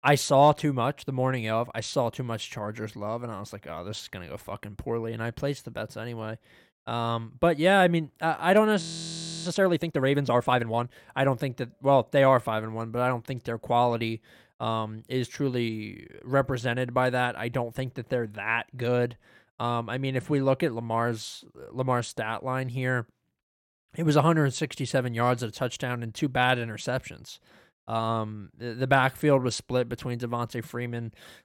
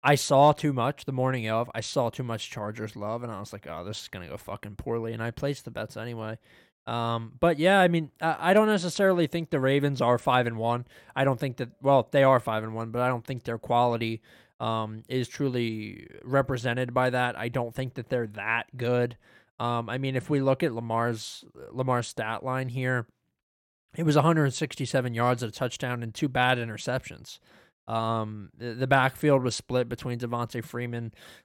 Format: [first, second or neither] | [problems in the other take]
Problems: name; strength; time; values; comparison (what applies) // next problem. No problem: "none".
second | audio freezing; at 9 s for 0.5 s